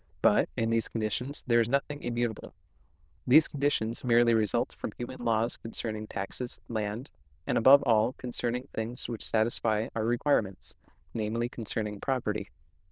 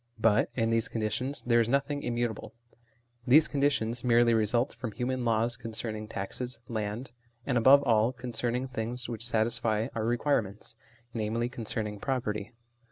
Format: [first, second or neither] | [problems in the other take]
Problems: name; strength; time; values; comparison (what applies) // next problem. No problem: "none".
second | noise reduction (neural diffusion model UNIVERSE++)